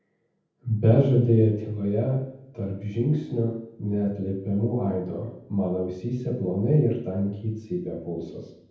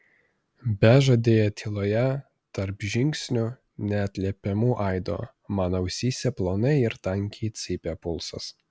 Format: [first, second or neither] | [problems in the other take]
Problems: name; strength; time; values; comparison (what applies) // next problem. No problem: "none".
second | room echo; dies away in 0.9 s